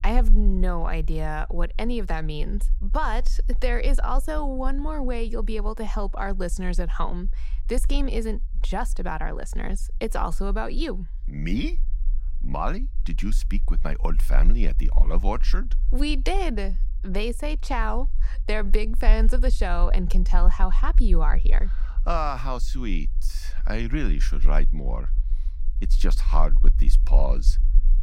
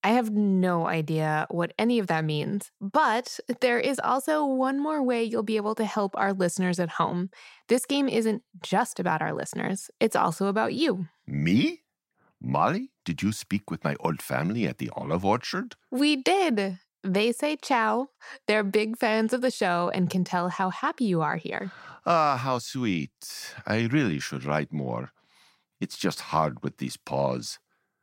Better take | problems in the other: second | low rumble; faint; throughout; 25 dB below the speech

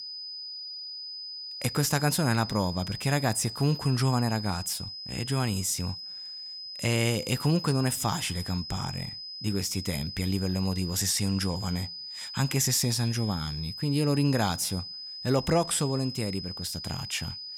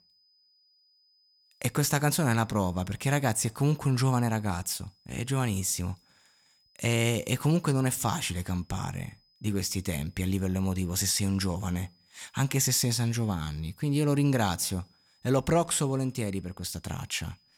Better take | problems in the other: second | high-pitched whine; loud; throughout; 5 kHz, 8 dB below the speech; faint in the second

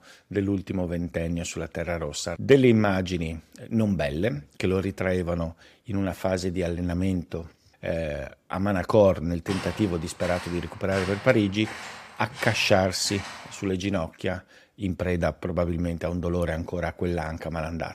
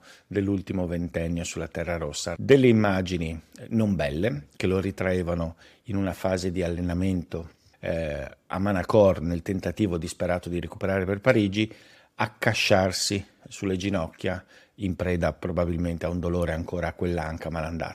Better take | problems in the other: second | footsteps; noticeable; from 9.5 to 14 s; peak 9 dB below the speech

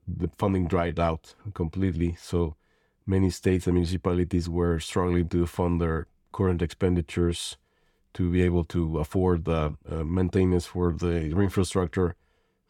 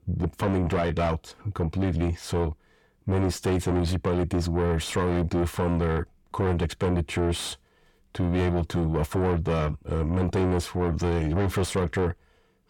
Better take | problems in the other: first | distortion; heavy; 7 dB below the speech

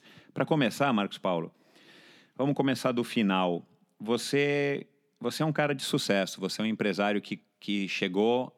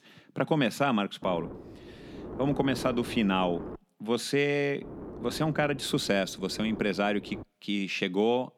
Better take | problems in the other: first | wind noise on the microphone; occasional gusts; from 1 to 4 s and from 5 to 7.5 s; 15 dB below the speech

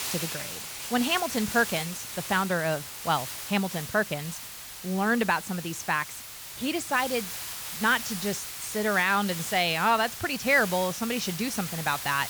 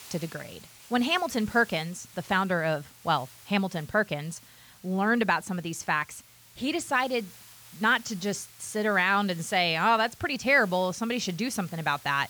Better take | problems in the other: second | hiss; loud; throughout; 7 dB below the speech; faint in the second

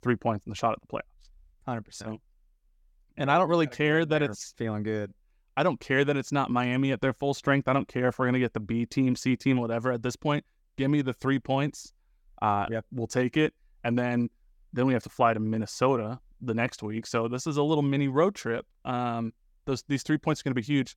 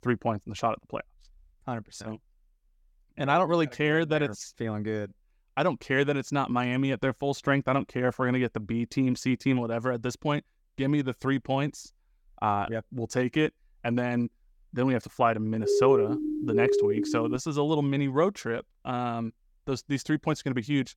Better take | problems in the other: first | siren; loud; from 16 to 17 s; peak 5 dB above the speech

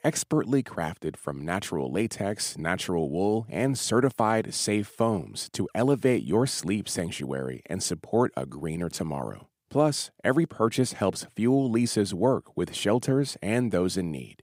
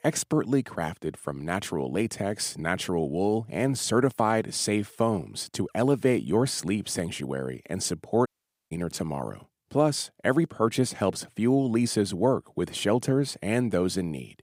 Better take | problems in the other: first | audio cutting out; at 8.5 s

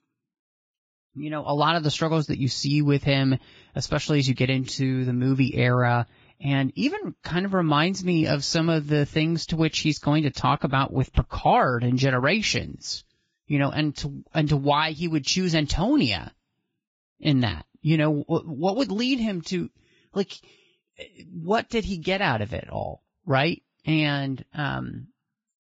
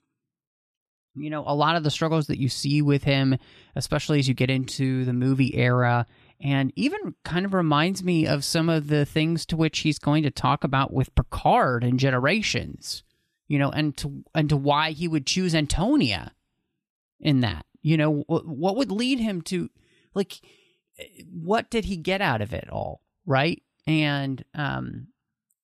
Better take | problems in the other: second | garbled, watery; badly; nothing above 7.5 kHz

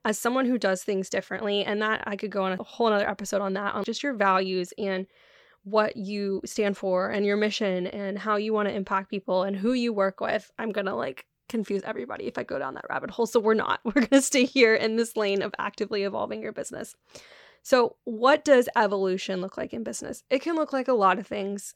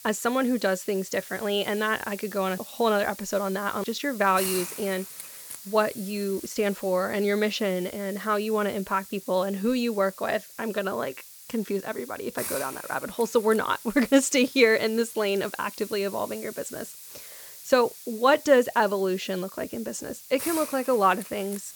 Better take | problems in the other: first | hiss; noticeable; throughout; 15 dB below the speech

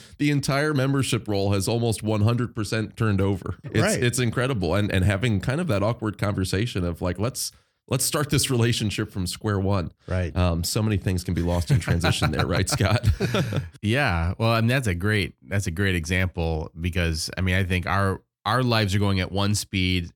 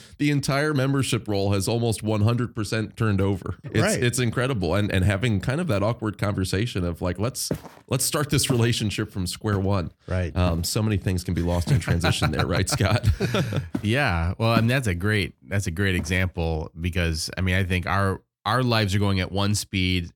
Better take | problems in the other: first | footsteps; noticeable; from 7.5 to 16 s; peak 7 dB below the speech

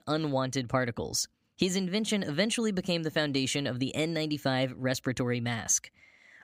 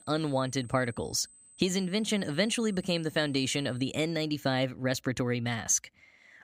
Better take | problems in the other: first | high-pitched whine; faint; until 4 s; 8 kHz, 25 dB below the speech

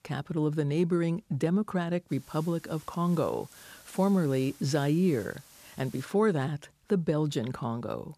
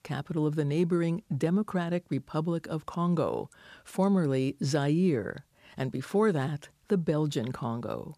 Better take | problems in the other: second | hiss; faint; from 2 to 6 s; 20 dB below the speech

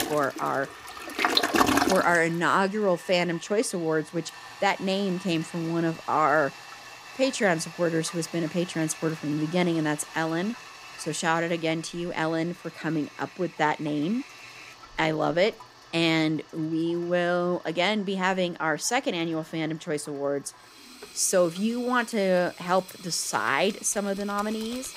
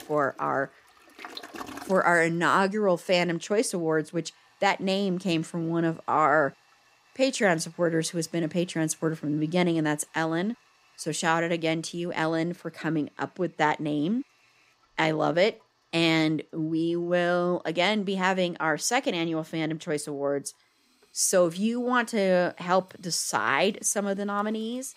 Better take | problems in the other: second | household noises; loud; throughout; 8 dB below the speech; faint in the second

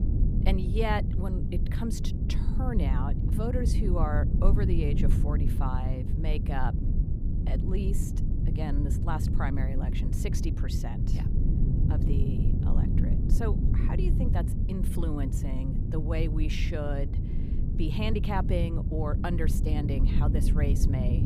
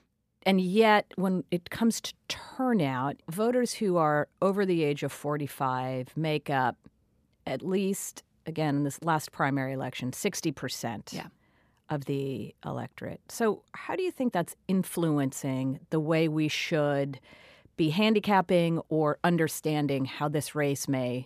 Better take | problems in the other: second | low rumble; loud; throughout; 4 dB below the speech

